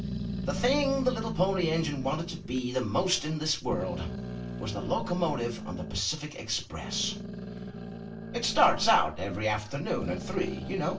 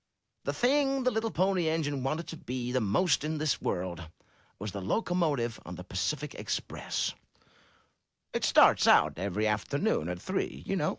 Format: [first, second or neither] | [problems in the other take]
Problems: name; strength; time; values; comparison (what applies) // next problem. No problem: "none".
second | background sound (Growling); 8 dB below the speech // room echo; dies away in 0.2 s